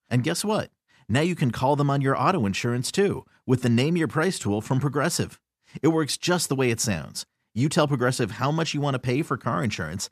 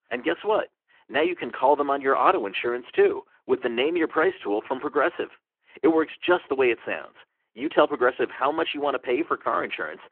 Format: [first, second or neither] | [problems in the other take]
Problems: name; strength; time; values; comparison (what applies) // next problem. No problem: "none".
first | phone-call audio